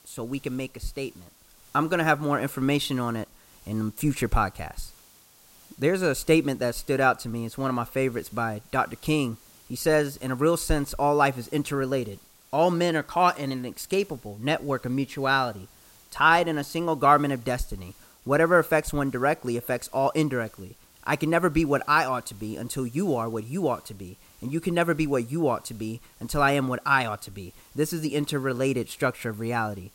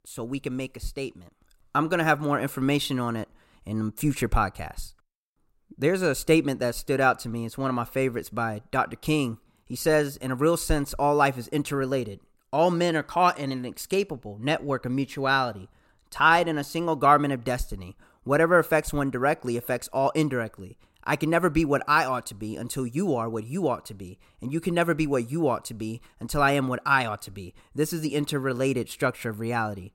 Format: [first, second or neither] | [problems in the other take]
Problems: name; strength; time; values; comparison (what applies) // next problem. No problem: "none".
second | hiss; faint; throughout; 25 dB below the speech